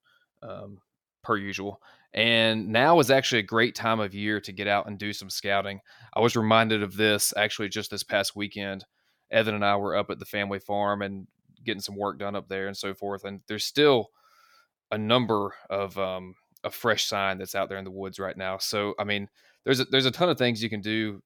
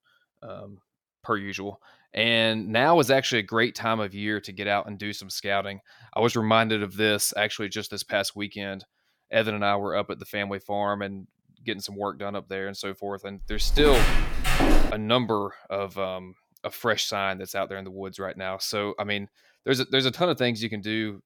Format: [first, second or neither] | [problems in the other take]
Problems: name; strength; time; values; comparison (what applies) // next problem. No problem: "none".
first | footsteps; loud; from 14 to 15 s; peak 4 dB above the speech